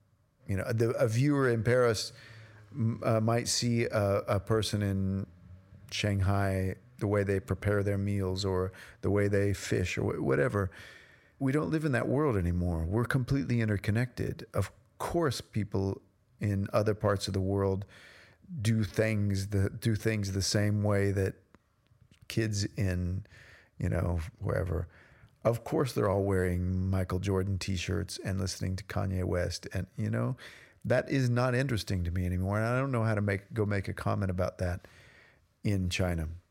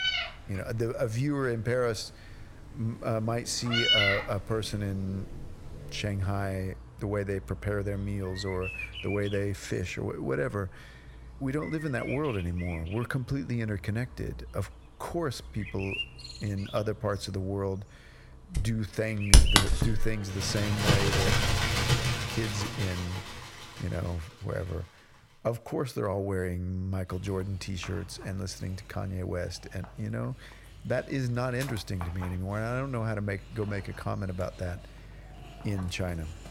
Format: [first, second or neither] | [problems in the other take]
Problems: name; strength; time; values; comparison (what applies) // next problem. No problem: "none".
first | animal sounds; very loud; throughout; 4 dB above the speech